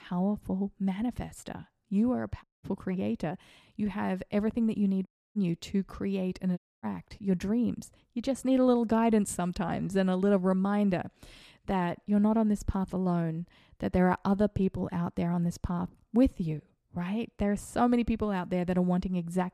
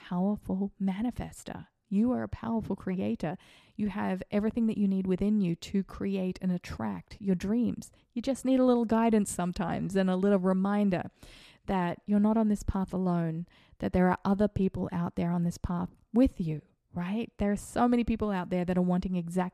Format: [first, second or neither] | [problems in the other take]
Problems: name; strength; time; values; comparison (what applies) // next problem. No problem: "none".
second | audio cutting out; at 2.5 s, at 5 s and at 6.5 s